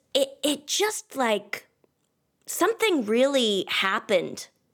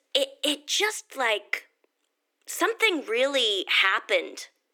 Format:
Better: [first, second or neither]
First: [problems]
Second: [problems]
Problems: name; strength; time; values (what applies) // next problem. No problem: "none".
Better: first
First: none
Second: thin; very slightly; fading below 300 Hz